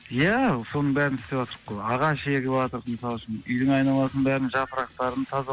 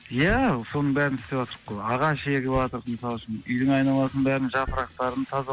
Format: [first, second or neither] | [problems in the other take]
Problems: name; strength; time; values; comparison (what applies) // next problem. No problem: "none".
first | background sound (Thump, thud); 16 dB below the speech